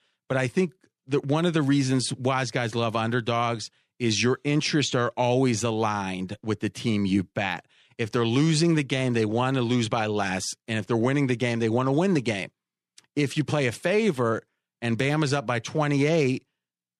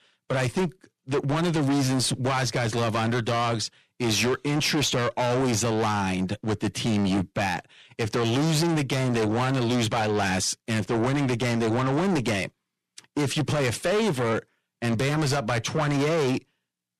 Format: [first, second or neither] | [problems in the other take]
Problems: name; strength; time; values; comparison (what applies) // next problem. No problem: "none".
first | distortion; heavy; 6 dB below the speech